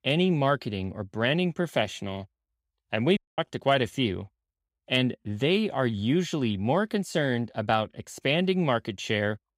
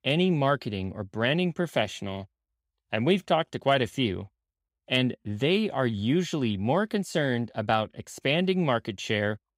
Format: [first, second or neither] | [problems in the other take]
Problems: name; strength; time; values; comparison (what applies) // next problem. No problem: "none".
second | audio cutting out; at 3 s